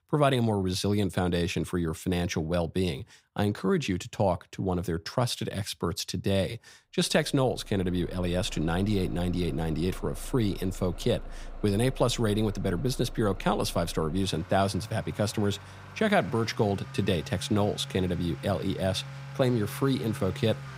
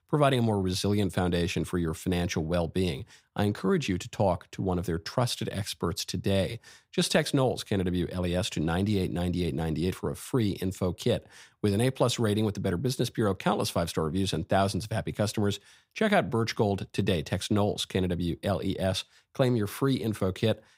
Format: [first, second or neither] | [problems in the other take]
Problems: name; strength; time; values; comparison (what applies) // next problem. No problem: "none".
second | traffic noise; noticeable; from 7.5 s on; 15 dB below the speech